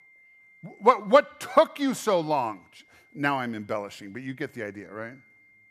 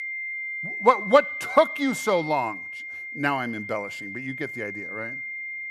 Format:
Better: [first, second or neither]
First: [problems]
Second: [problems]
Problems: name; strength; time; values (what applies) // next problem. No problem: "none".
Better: first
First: high-pitched whine; faint; throughout; 2 kHz, 30 dB below the speech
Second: high-pitched whine; loud; throughout; 2 kHz, 8 dB below the speech